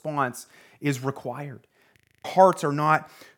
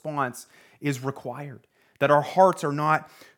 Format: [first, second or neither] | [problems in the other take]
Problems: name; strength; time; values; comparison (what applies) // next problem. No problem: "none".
second | audio freezing; at 2 s